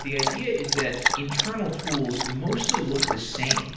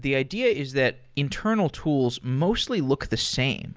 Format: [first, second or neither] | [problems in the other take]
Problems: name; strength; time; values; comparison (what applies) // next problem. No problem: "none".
second | background sound (Dog); as loud as the speech // room echo; dies away in 0.9 s